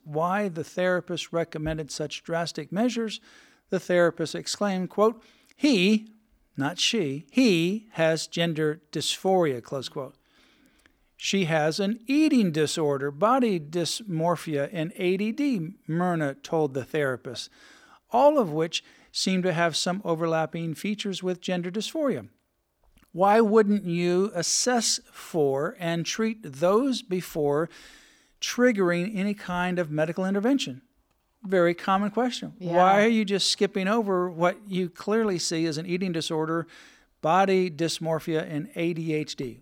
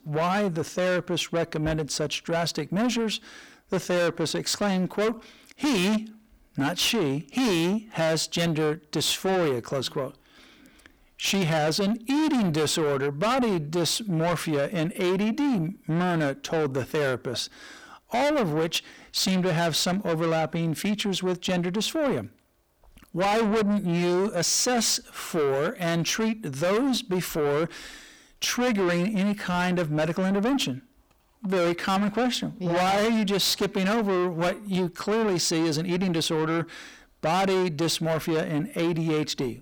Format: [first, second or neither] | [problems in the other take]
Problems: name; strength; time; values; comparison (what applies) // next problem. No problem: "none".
first | distortion; heavy; 6 dB below the speech